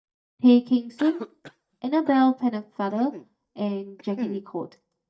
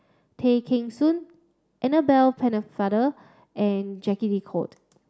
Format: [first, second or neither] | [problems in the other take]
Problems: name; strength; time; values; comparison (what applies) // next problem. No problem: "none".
second | noise reduction (neural mask model DeepFilterNet 3)